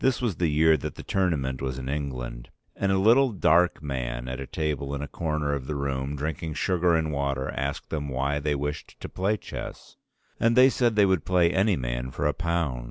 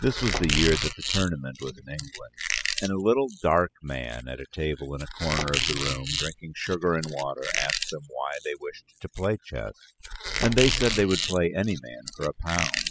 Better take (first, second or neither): first